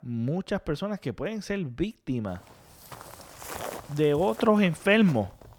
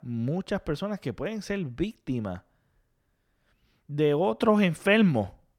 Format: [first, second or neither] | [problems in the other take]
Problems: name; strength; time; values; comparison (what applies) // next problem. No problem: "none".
second | footsteps; noticeable; from 2.5 s on; peak 9 dB below the speech